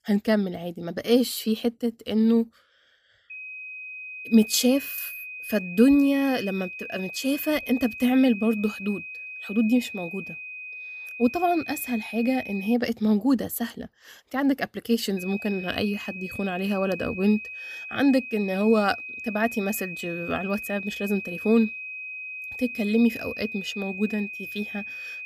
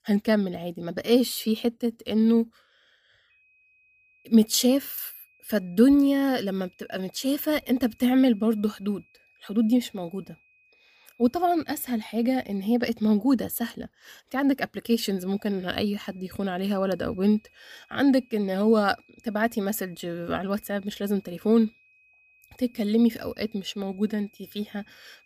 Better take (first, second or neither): second